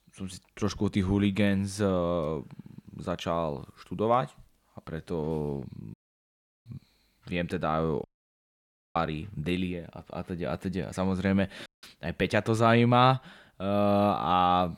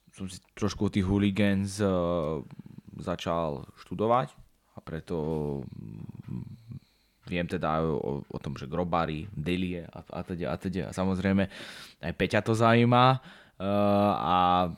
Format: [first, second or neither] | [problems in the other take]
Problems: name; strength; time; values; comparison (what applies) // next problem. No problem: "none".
second | audio cutting out; at 6 s for 0.5 s, at 8 s for 1 s and at 12 s